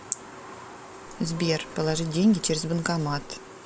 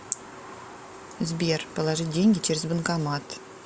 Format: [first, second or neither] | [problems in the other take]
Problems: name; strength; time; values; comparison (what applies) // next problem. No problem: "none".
second | background sound (Acoustic guitar + Walk, footsteps); 18 dB below the speech